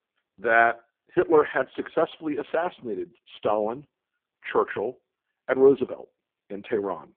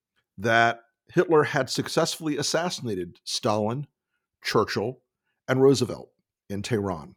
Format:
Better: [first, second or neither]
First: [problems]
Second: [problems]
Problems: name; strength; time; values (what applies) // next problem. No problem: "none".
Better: second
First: phone-call audio; poor line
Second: none